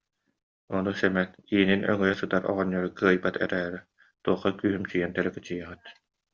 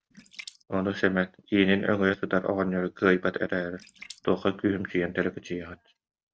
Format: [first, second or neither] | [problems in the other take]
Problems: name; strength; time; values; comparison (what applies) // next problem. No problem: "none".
first | noise reduction (neural mask model RNNoise)